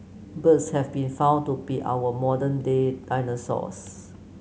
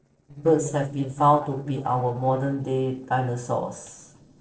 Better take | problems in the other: first | noise reduction (neural separator model SepFormer DNS4)

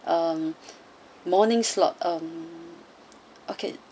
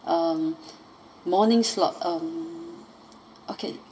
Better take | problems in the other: first | room echo; dies away in 2.4 s

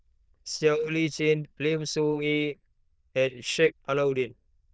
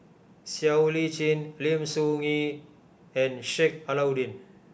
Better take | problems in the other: second | noise reduction (neural diffusion model UNIVERSE++)

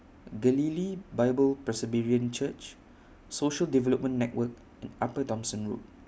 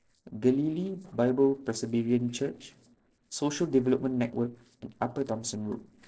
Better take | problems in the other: first | noise reduction (neural separator model SepFormer DNS4)

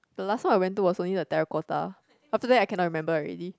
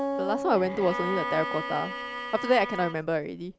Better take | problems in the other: first | background sound (Bowed string instrument + Acoustic guitar); 5 dB below the speech

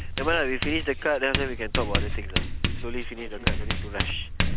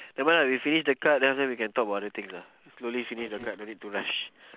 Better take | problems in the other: second | background sound (Writing); 2 dB above the speech

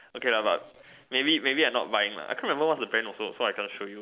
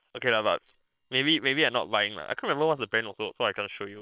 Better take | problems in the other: first | noise reduction (neural separator model SepFormer WHAM!)

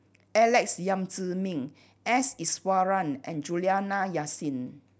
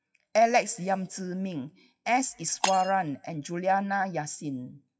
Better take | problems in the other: first | noise reduction (classical method WPE with log-MMSE)

